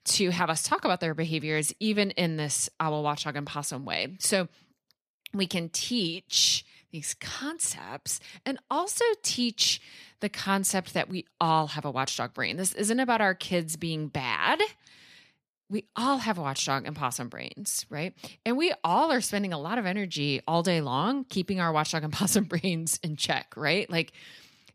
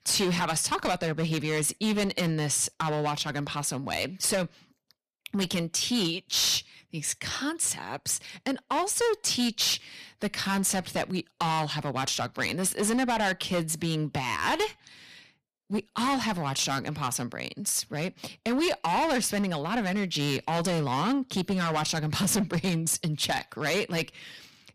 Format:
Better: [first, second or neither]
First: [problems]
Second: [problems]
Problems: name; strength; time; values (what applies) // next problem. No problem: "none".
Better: first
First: none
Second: distortion; heavy; 12% of the sound clipped